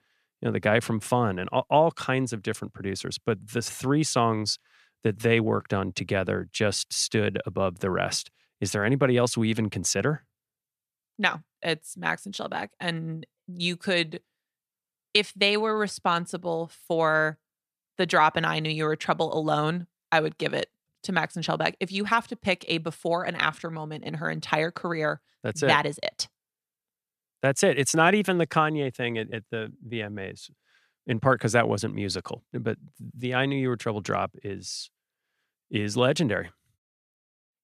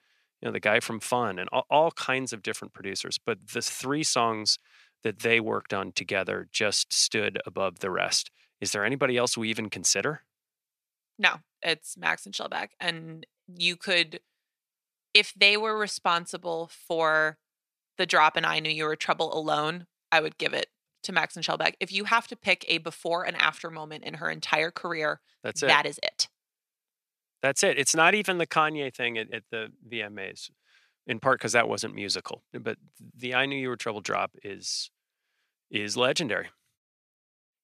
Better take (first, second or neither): first